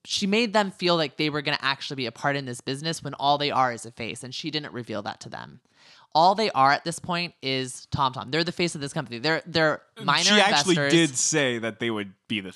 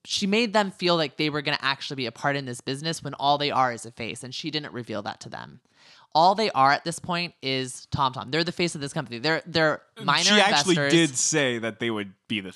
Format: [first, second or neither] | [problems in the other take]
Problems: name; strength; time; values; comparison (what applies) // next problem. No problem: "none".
neither | none